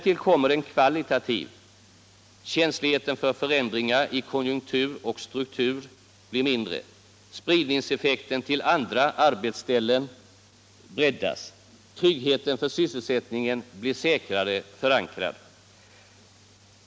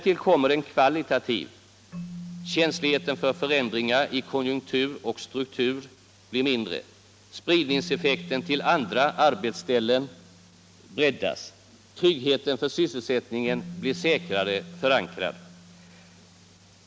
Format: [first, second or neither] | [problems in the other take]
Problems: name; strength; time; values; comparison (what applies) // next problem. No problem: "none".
first | background sound (Keyboard (musical)); 18 dB below the speech